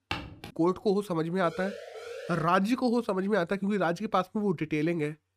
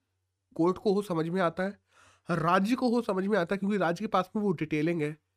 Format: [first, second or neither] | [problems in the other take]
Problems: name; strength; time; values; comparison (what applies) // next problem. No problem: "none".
second | footsteps; noticeable; at the start; peak 8 dB below the speech // siren; faint; from 1.5 to 2.5 s; peak 10 dB below the speech